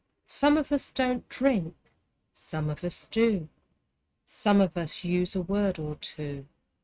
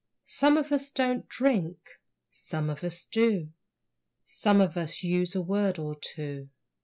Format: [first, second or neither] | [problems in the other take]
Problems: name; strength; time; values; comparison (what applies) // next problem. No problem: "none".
second | noise reduction (neural mask model RNNoise)